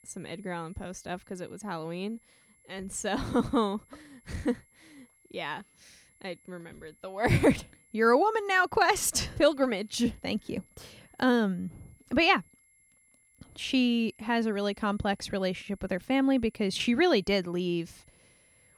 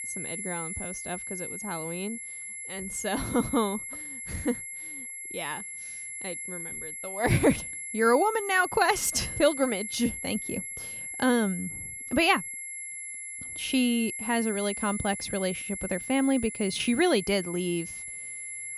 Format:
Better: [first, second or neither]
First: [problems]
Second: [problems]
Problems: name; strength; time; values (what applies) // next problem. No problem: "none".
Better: first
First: high-pitched whine; faint; throughout; 11 kHz, 35 dB below the speech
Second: high-pitched whine; loud; throughout; 11 kHz, 7 dB below the speech